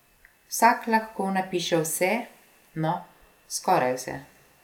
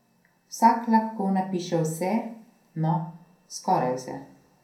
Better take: first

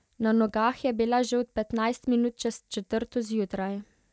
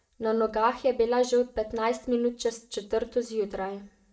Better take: first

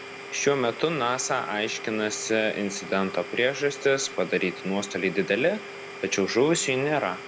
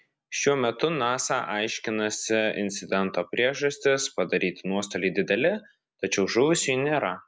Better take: second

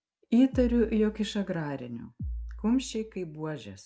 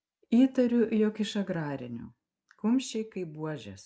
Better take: second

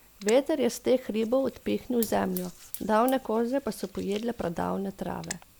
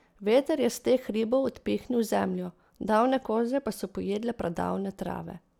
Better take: second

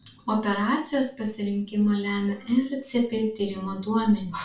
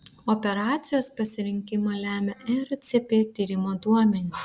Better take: second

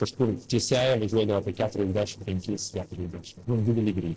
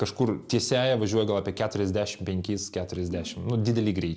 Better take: second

